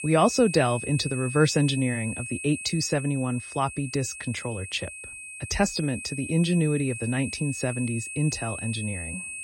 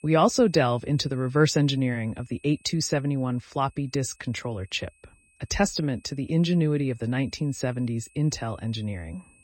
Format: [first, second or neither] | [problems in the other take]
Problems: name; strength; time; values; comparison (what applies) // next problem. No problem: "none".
second | high-pitched whine; loud; throughout; 2.5 kHz, 8 dB below the speech; faint in the second